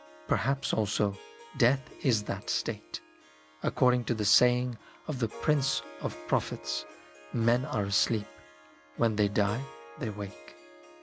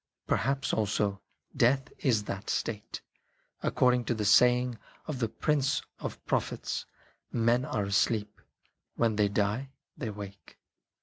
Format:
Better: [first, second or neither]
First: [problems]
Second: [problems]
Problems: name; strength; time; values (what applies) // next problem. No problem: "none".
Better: second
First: background sound (Harp); 19 dB below the speech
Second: none